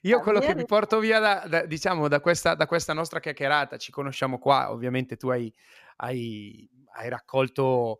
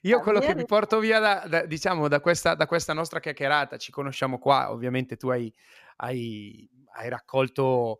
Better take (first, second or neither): neither